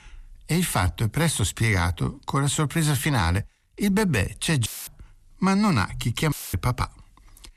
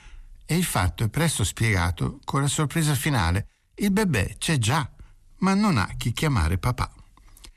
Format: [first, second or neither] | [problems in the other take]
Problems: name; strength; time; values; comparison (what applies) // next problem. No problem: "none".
second | audio cutting out; filled with static; at 4.5 s and at 6.5 s